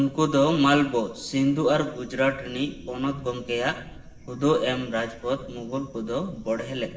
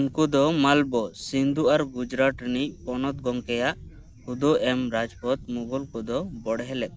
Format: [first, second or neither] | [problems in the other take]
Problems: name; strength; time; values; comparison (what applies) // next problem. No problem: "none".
second | room echo; dies away in 0.9 s